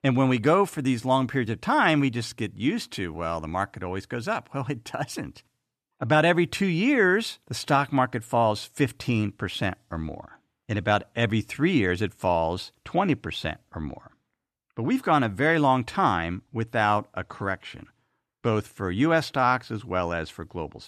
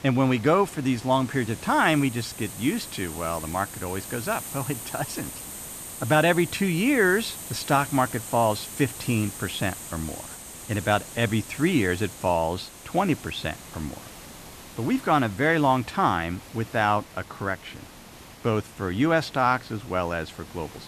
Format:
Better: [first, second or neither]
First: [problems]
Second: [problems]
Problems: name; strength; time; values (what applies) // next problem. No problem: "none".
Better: first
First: none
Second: hiss; noticeable; throughout; 15 dB below the speech